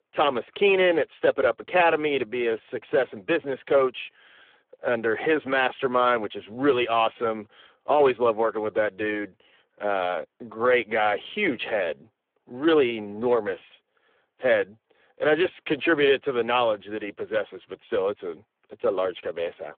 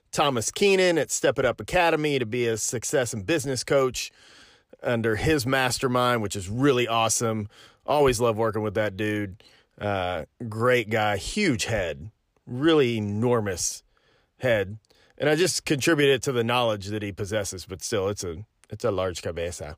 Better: second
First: phone-call audio; poor line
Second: none

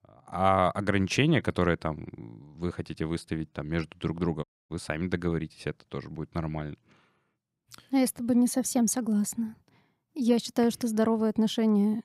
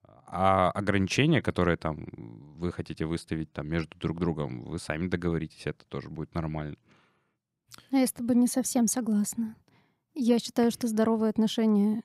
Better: second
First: audio cutting out; at 4.5 s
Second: none

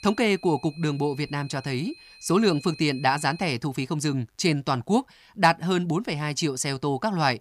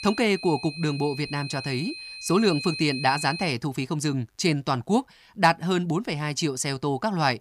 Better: first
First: high-pitched whine; faint; until 3.5 s; 4 kHz, 20 dB below the speech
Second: high-pitched whine; loud; until 3.5 s; 4 kHz, 9 dB below the speech

